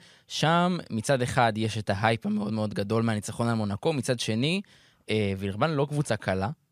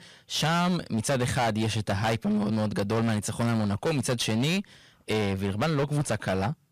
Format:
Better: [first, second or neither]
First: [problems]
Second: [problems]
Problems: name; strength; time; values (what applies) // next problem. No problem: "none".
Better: first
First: none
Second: distortion; heavy; 22% of the sound clipped